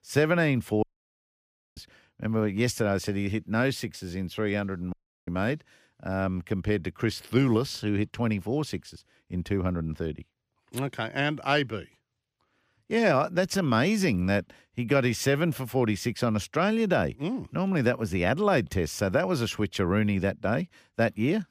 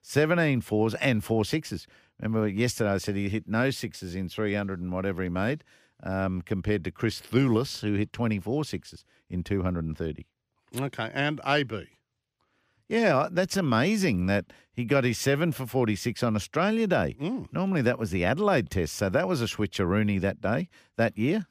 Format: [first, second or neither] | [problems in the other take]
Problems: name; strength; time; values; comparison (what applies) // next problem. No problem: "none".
second | audio cutting out; at 1 s for 1 s and at 5 s